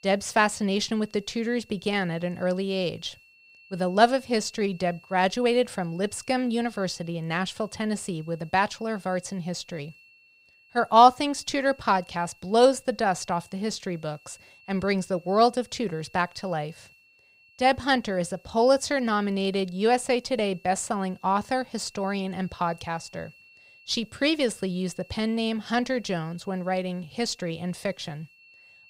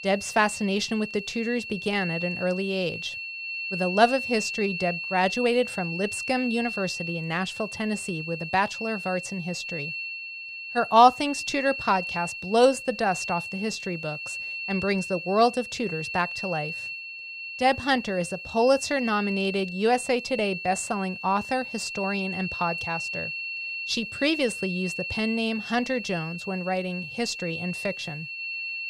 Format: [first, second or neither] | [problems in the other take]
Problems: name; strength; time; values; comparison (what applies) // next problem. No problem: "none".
first | high-pitched whine; loud; throughout; 2.5 kHz, 6 dB below the speech; faint in the first